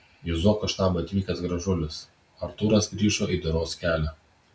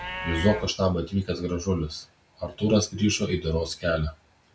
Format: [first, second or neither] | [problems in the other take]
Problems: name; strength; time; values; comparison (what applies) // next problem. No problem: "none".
first | background sound (Livestock, farm animals, working animals); 15 dB below the speech